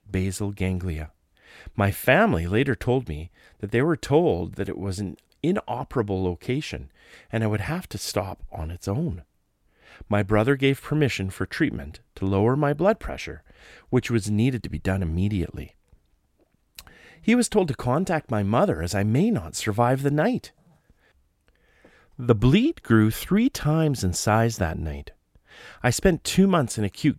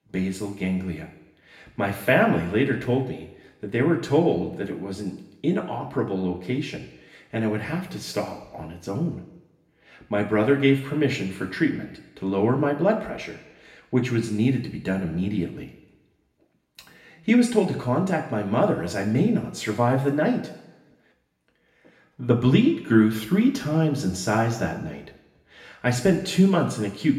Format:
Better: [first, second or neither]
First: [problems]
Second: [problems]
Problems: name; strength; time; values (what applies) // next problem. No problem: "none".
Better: first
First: none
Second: room echo; slight; dies away in 0.8 s // off-mic speech; somewhat distant